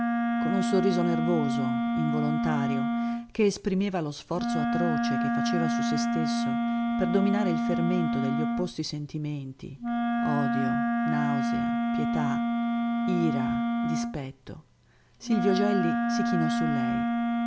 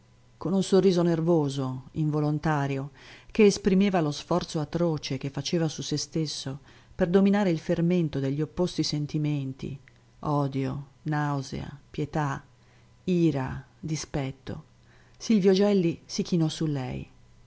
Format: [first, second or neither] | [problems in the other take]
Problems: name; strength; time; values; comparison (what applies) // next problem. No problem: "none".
second | background sound (Wind instrument, woodwind instrument); 4 dB above the speech